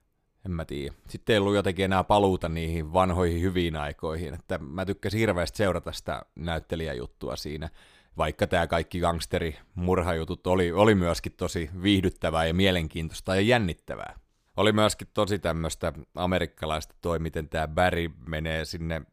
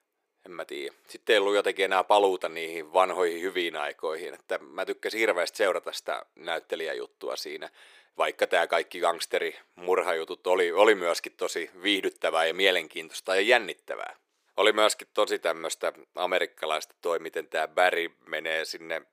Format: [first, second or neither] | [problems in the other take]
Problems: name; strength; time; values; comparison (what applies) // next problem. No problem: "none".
first | thin; very; fading below 400 Hz